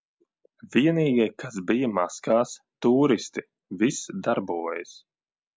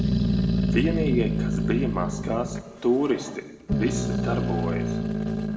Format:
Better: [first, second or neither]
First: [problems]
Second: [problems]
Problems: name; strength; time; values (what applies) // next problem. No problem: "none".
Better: first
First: none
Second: background sound (Growling); 3 dB above the speech // room echo; dies away in 1.1 s